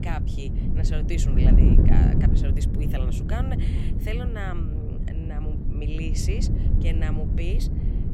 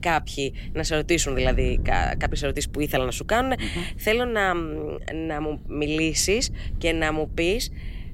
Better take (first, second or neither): second